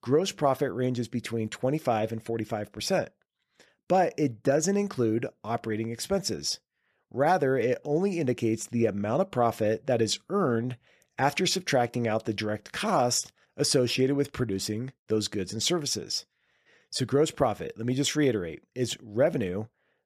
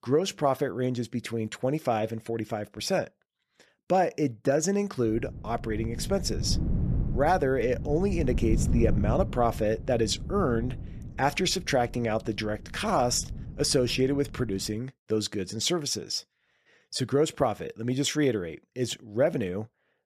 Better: first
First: none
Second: wind noise on the microphone; occasional gusts; from 5 to 15 s; 15 dB below the speech

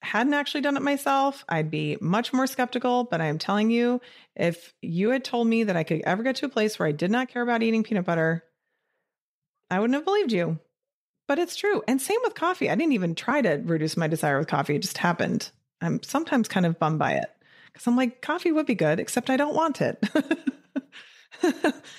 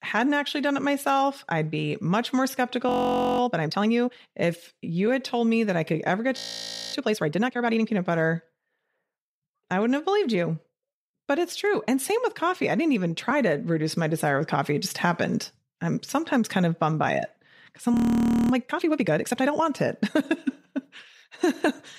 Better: first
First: none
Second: audio freezing; at 3 s, at 6.5 s for 0.5 s and at 18 s for 0.5 s

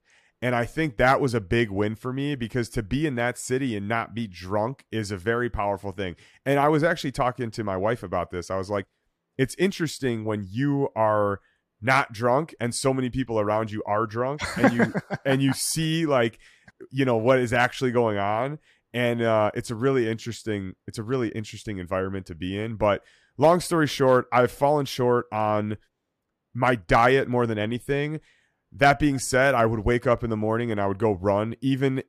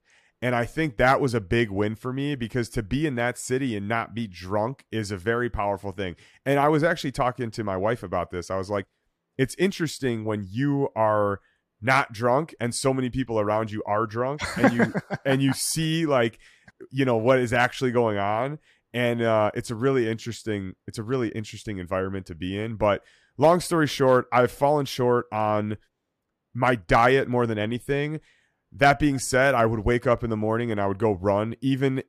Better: neither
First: none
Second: none

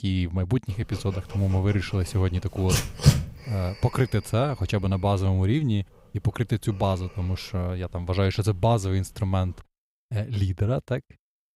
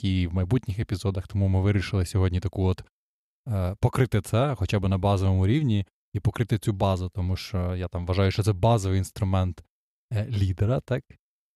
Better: second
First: dog barking; loud; at 2.5 s; peak 6 dB above the speech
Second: none

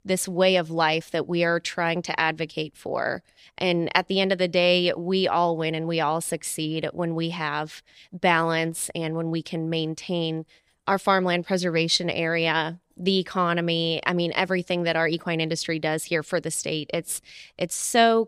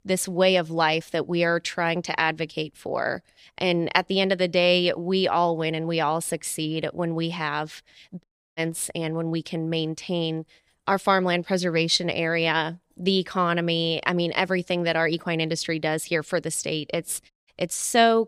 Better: first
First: none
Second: audio cutting out; at 8 s and at 17 s

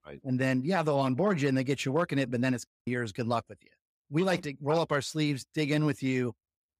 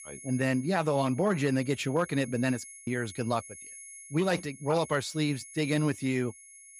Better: first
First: none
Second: high-pitched whine; noticeable; throughout; 10.5 kHz, 15 dB below the speech

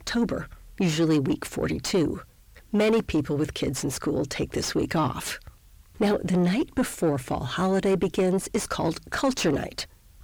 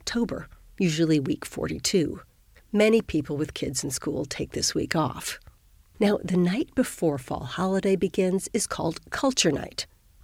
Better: second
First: distortion; slight; 9 dB below the speech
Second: none

